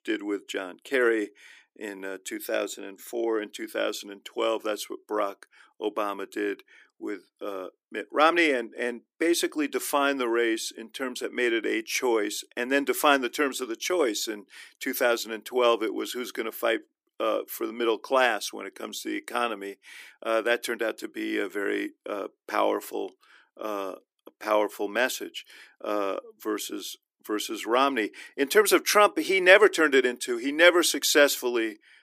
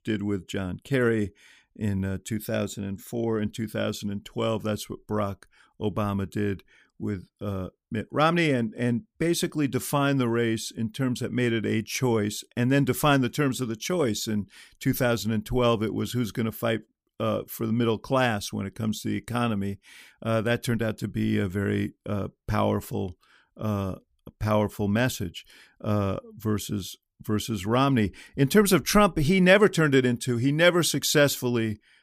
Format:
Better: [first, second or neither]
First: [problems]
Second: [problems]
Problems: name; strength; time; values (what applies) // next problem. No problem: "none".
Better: second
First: thin; somewhat; fading below 300 Hz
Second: none